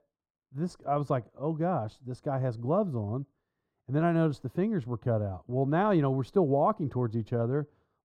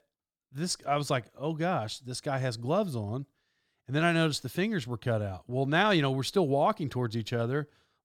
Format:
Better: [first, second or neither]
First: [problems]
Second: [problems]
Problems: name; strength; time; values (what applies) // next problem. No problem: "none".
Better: second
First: muffled; very; fading above 1.5 kHz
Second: none